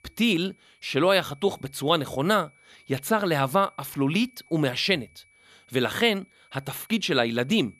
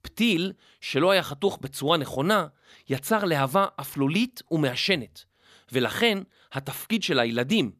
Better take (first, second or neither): second